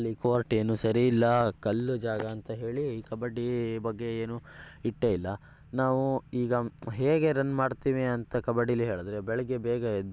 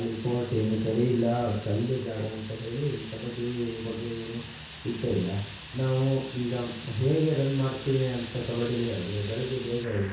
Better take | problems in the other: first | background sound (Fire); 15 dB below the speech // room echo; dies away in 0.6 s

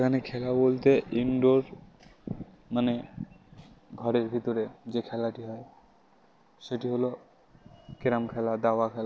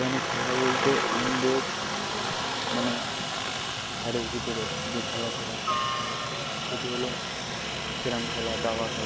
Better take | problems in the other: first | background sound (Aircraft); 3 dB above the speech

